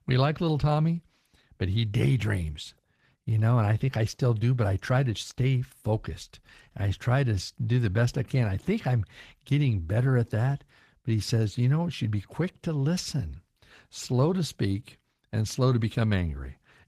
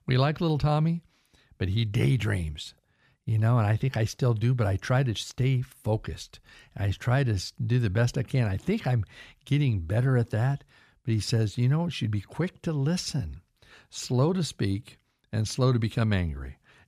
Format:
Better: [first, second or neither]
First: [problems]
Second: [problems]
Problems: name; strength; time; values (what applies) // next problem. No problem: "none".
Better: second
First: garbled, watery; slightly; nothing above 14.5 kHz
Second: none